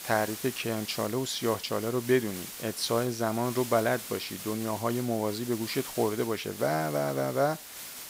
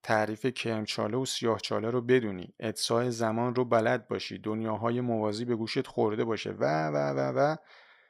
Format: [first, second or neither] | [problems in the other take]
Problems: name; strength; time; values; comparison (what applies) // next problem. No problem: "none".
second | hiss; loud; throughout; 10 dB below the speech